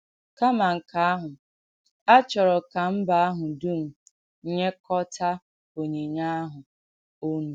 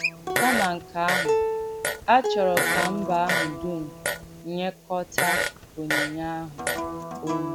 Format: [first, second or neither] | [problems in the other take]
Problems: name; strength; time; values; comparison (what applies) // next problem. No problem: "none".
first | background sound (Acoustic guitar + Fart); 1 dB above the speech